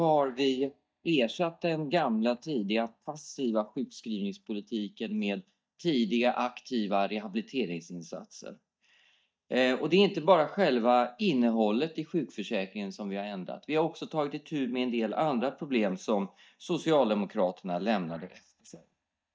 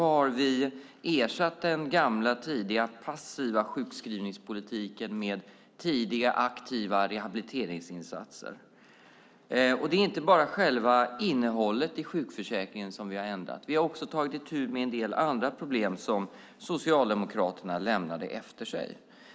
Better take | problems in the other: second | noise reduction (neural mask model DeepFilterNet 3)

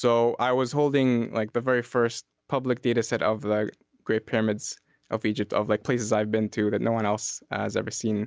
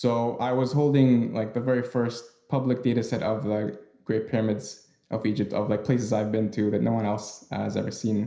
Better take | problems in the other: first | room echo; dies away in 0.5 s

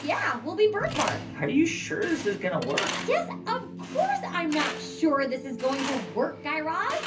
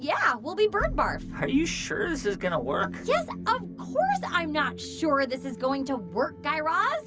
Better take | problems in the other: second | background sound (Tools); 11 dB below the speech // room echo; dies away in 0.3 s

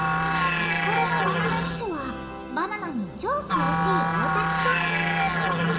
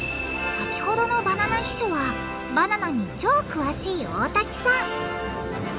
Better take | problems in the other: second | background sound (Musical instrument); 5 dB above the speech // room echo; dies away in 1.4 s

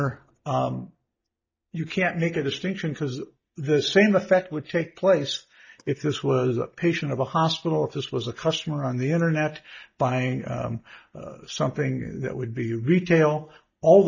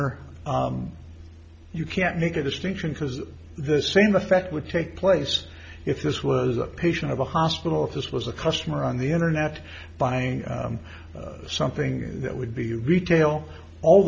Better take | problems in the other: second | noise reduction (neural mask model DeepFilterNet 3)

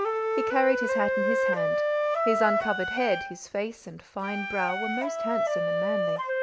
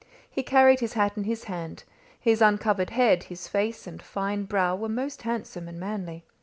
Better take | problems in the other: second | background sound (Wind instrument, woodwind instrument); 3 dB above the speech

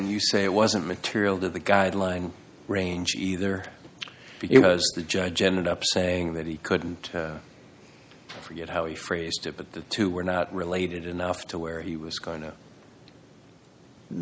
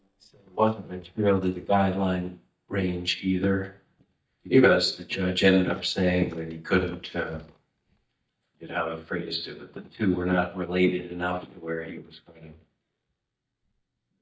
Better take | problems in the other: first | noise reduction (neural mask model DeepFilterNet 3)

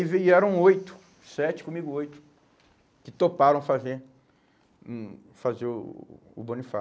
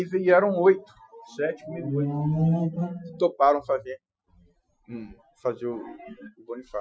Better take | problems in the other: first | noise reduction (classical method Wiener filter)

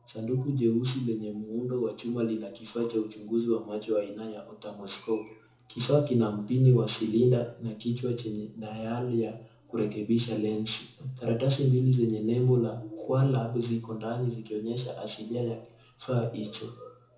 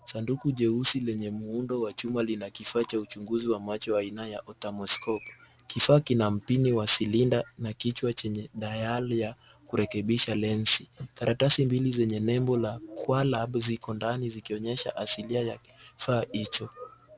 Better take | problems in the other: second | room echo; dies away in 0.6 s

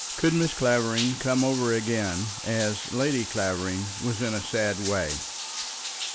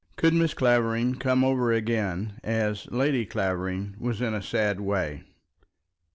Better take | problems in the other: second | background sound (Bathtub (filling or washing)); 7 dB below the speech

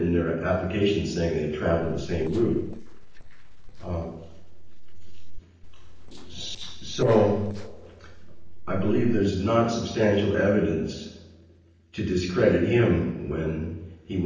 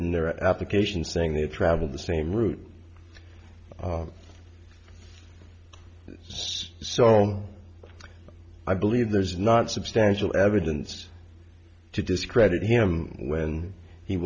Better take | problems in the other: second | noise reduction (neural separator model SepFormer DNS4)

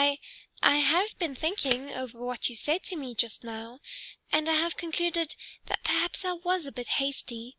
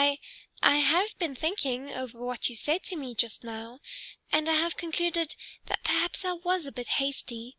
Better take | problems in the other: second | background sound (Tick); 12 dB below the speech

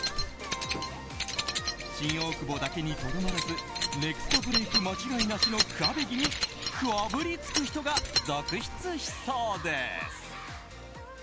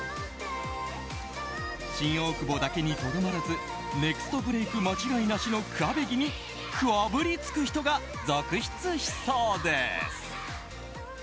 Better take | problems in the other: second | background sound (Keys jangling); 1 dB below the speech

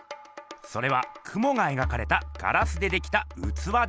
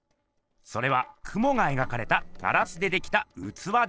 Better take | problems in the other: first | noise reduction (neural separator model SepFormer DNS4)

